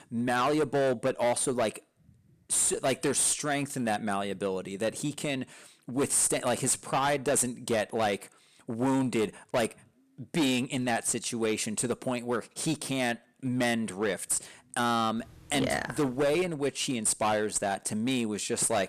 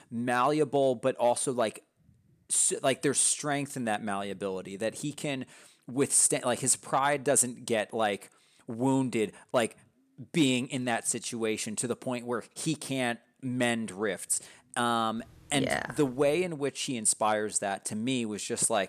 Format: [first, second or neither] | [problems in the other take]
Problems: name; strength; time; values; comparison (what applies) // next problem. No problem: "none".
second | distortion; slight; 10% of the sound clipped